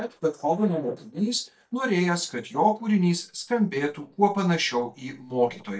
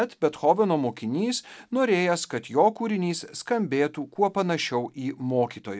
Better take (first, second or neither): second